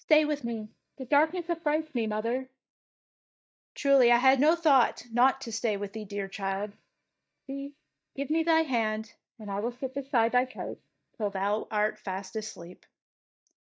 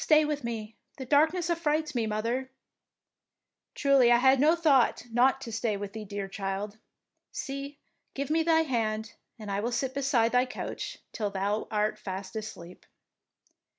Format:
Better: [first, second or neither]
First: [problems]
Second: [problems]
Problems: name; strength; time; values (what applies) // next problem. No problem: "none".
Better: second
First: noise reduction (neural mask model DeepFilterNet 3)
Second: none